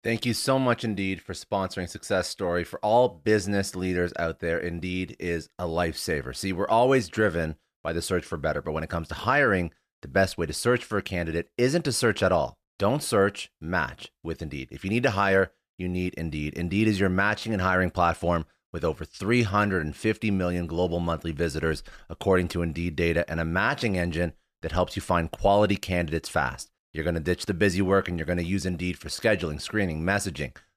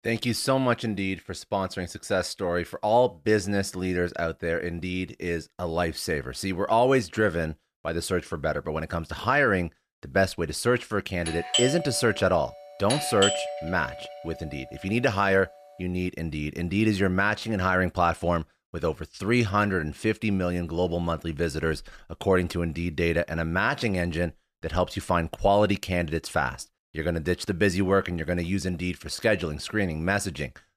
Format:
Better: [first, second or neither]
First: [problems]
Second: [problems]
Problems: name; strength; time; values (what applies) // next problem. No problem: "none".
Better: first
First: none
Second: doorbell; loud; from 11 to 14 s; peak 2 dB above the speech